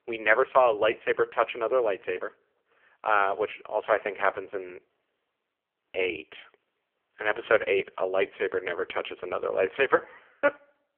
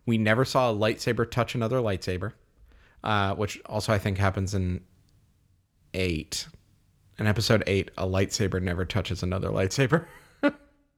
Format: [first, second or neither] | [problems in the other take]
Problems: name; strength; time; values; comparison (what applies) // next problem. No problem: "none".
second | phone-call audio; poor line; nothing above 3 kHz